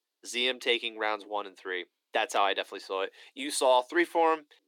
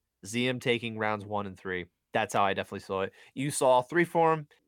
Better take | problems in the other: second | thin; somewhat; fading below 300 Hz

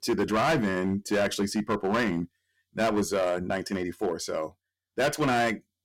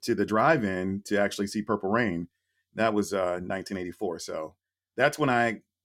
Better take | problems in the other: second | distortion; heavy; 10% of the sound clipped

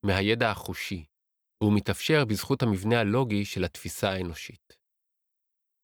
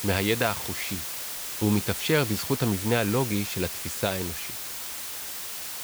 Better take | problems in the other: first | hiss; loud; throughout; 4 dB below the speech

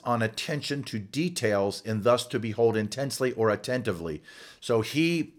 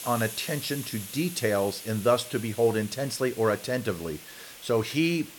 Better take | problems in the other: first | hiss; noticeable; throughout; 10 dB below the speech

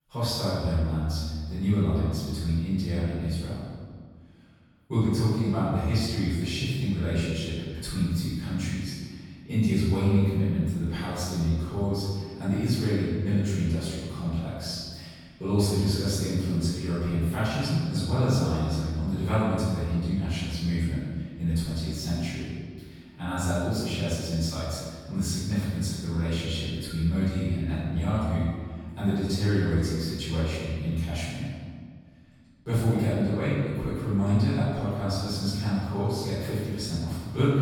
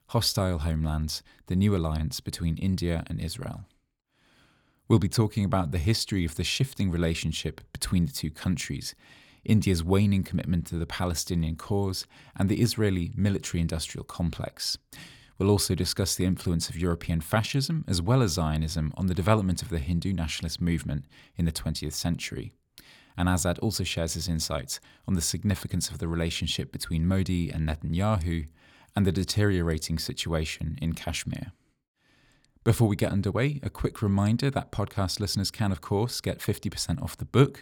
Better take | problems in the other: second | off-mic speech; far // room echo; strong; dies away in 1.7 s

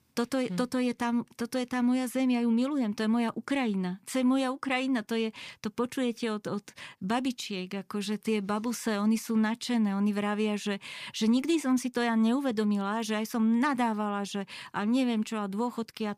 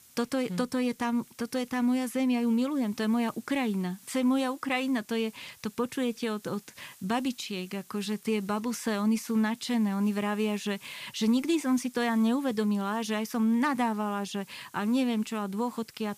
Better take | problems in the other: first | hiss; faint; throughout; 25 dB below the speech

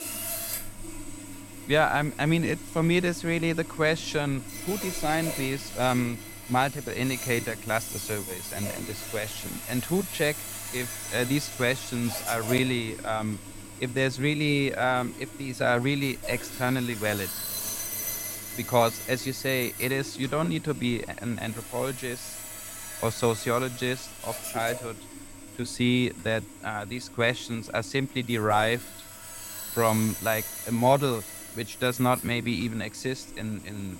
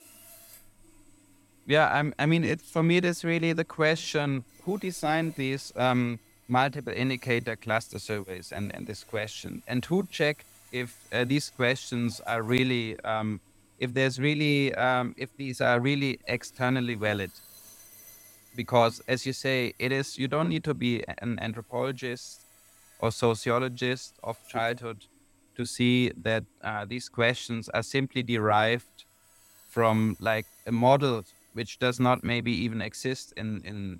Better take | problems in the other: second | machinery noise; loud; throughout; 9 dB below the speech; faint in the second

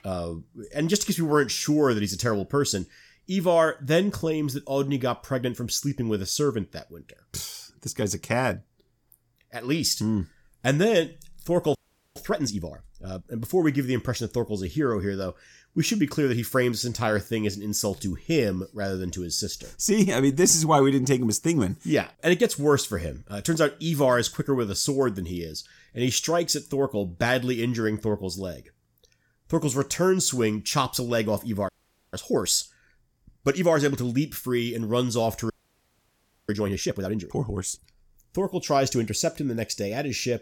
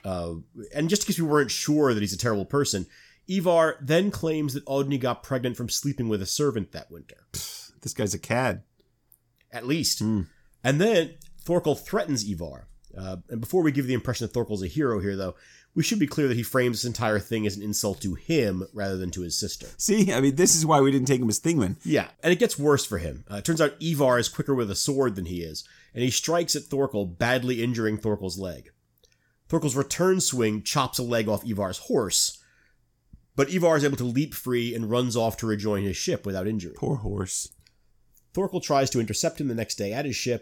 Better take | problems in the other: second | audio freezing; at 12 s, at 32 s and at 36 s for 1 s

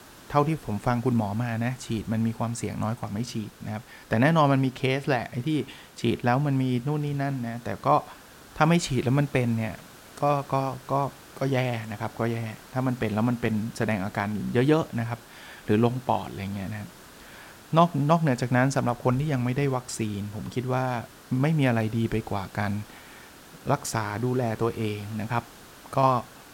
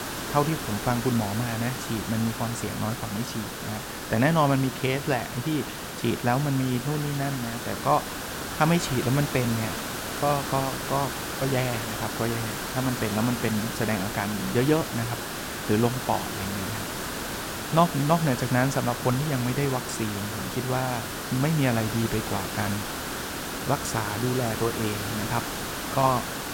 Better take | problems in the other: first | hiss; loud; throughout; 4 dB below the speech; faint in the first

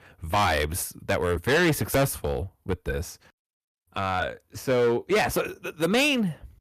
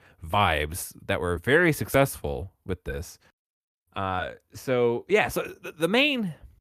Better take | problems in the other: second | distortion; heavy; 8% of the sound clipped

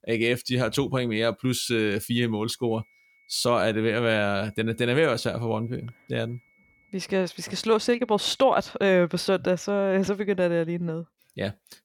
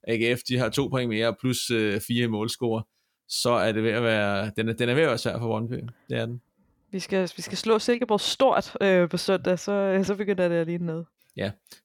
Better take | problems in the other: second | high-pitched whine; faint; from 2.5 to 8.5 s; 2 kHz, 35 dB below the speech

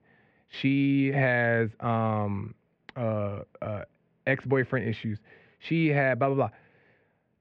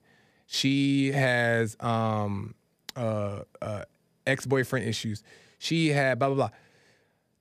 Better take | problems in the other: second | muffled; very; fading above 2.5 kHz

